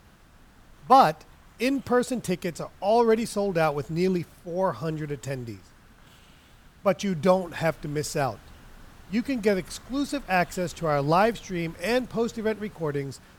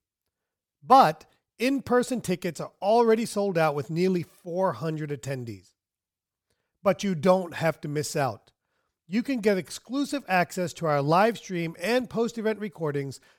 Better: second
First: hiss; faint; throughout; 25 dB below the speech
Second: none

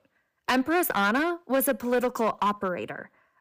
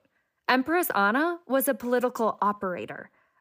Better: second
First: distortion; slight; 7% of the sound clipped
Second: none

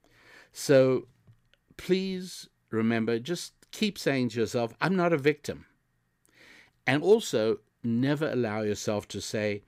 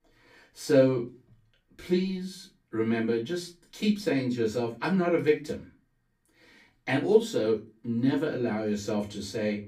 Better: first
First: none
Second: off-mic speech; far // room echo; very slight; dies away in 0.2 s

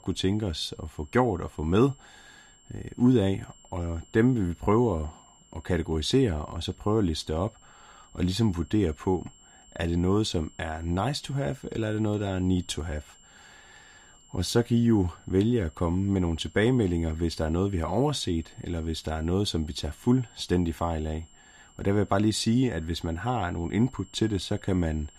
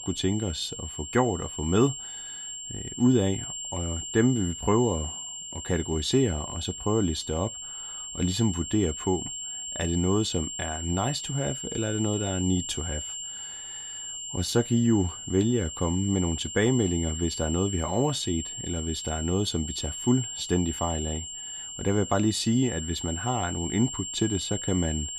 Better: first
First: high-pitched whine; faint; throughout; 7.5 kHz, 30 dB below the speech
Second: high-pitched whine; loud; throughout; 7.5 kHz, 7 dB below the speech

